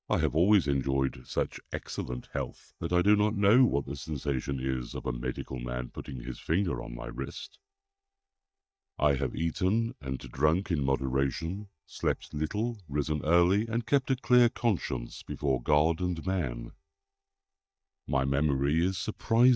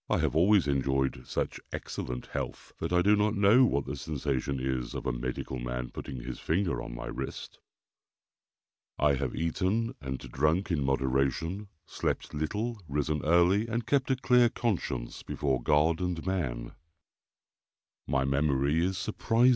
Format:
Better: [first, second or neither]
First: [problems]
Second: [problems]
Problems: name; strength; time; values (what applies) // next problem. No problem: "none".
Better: second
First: noise reduction (neural mask model DeepFilterNet 3)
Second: none